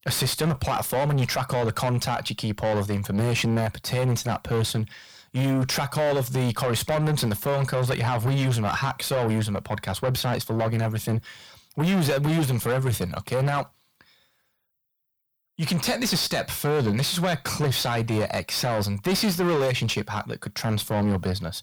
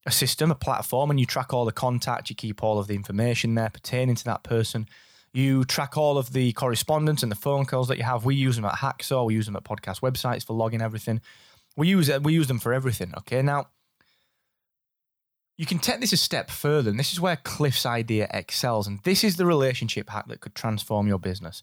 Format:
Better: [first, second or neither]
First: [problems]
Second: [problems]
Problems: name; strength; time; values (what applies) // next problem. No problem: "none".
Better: second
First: distortion; heavy; 7 dB below the speech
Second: none